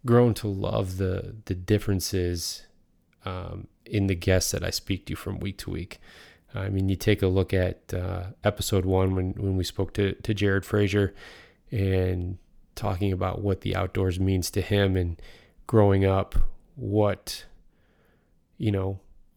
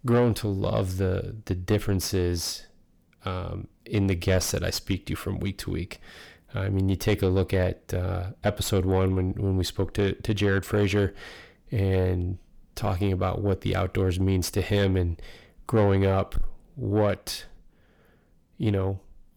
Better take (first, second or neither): first